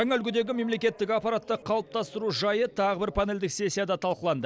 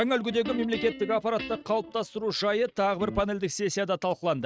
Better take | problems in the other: first | noise reduction (neural mask model RNNoise)

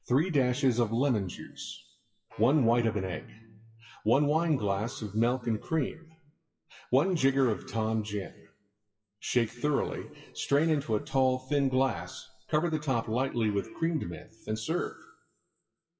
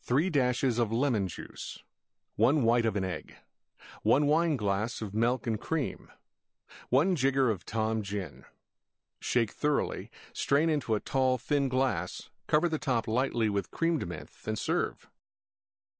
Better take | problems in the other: second | noise reduction (classical method WPE with log-MMSE)

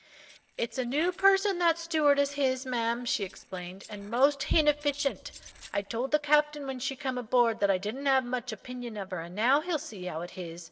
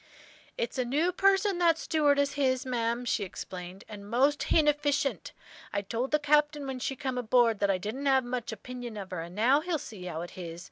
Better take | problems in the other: second | noise reduction (neural separator model SepFormer DNS4)

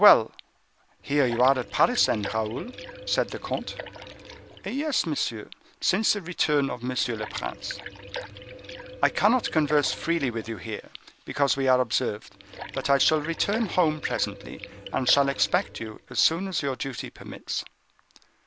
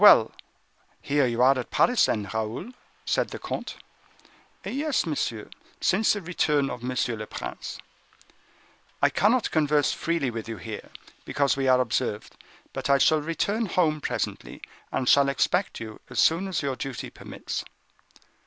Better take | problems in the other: second | background sound (Liquid); 14 dB below the speech

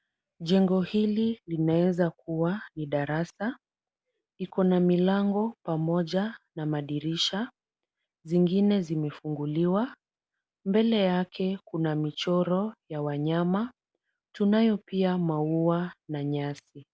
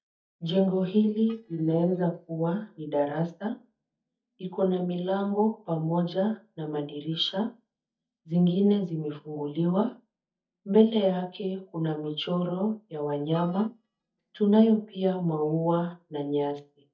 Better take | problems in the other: first | noise reduction (neural mask model DeepFilterNet 3)

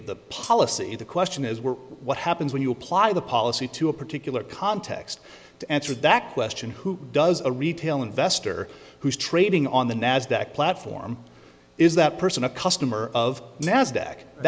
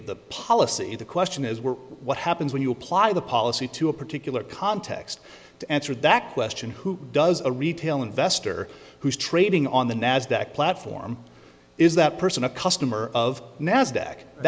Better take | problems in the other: second | background sound (Hi-hat); 18 dB below the speech

